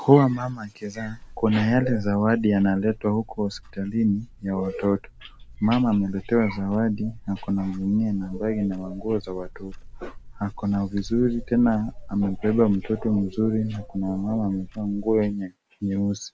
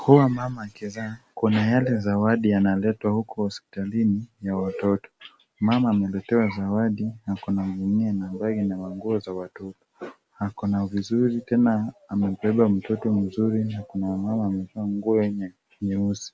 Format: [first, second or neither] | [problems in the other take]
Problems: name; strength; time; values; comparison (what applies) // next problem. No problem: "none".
second | background sound (Clock); 15 dB below the speech